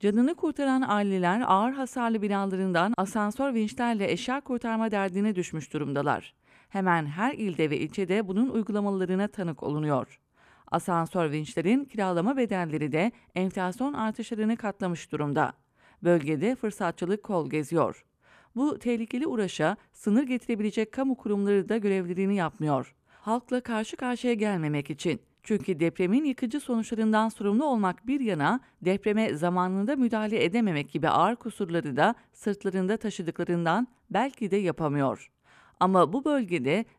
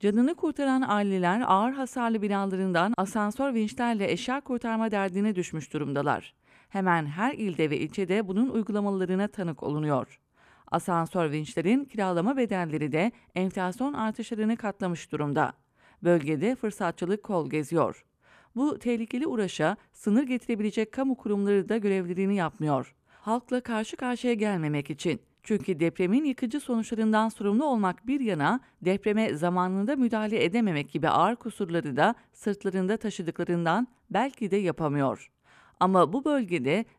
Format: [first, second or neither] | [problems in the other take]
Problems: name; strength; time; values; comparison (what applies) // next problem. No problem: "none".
neither | none